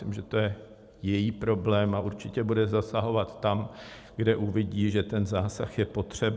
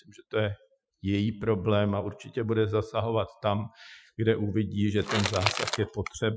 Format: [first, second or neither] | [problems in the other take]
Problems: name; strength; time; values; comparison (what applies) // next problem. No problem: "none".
first | noise reduction (classical method Wiener filter)